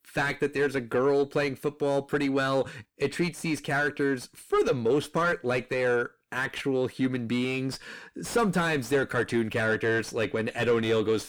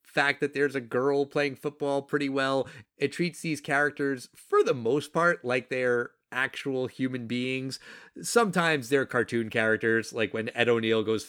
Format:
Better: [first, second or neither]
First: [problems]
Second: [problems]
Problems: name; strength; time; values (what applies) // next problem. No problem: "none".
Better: second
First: distortion; heavy; 7 dB below the speech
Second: none